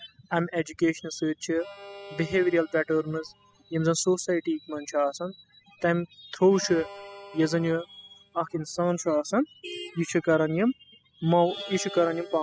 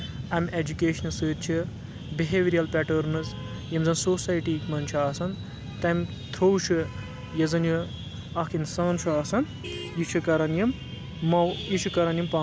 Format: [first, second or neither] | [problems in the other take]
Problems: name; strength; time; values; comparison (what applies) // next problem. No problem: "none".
second | noise reduction (classical method spectral subtraction)